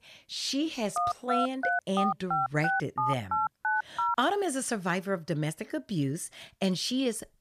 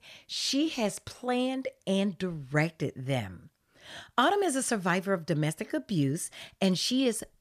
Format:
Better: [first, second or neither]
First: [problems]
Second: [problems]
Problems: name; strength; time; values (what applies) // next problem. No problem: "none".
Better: second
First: phone ringing; loud; from 1 to 4 s; peak 3 dB above the speech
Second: none